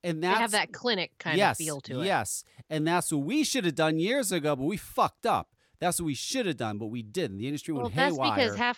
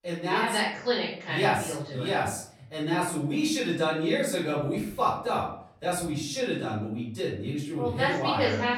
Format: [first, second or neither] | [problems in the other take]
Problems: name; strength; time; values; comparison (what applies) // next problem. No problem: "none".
first | off-mic speech; far // room echo; noticeable; dies away in 0.5 s